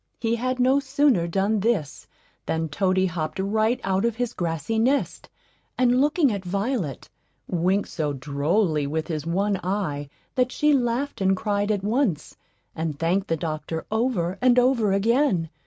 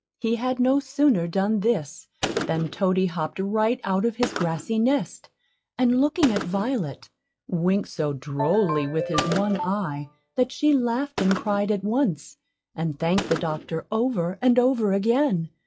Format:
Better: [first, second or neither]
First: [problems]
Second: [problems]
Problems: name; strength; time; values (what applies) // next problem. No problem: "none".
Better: first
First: none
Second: noise reduction (classical method log-MMSE)